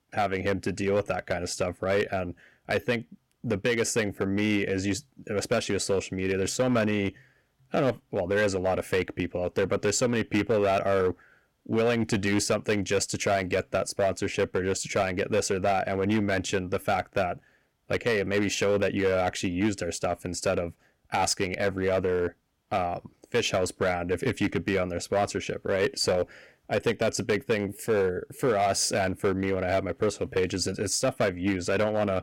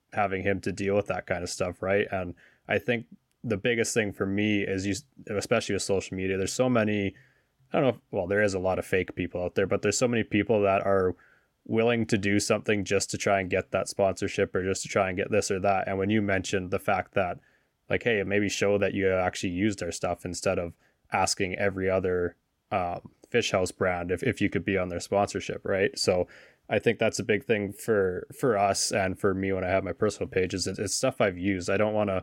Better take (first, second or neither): second